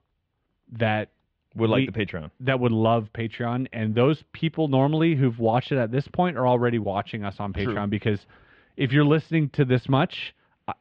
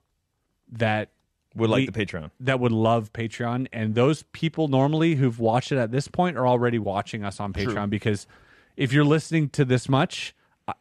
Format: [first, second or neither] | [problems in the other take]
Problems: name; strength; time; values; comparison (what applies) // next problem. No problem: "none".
second | muffled; slightly; fading above 3.5 kHz